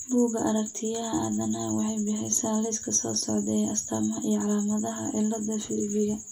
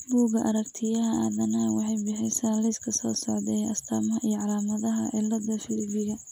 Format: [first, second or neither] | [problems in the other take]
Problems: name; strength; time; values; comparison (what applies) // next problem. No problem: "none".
second | room echo; dies away in 0.2 s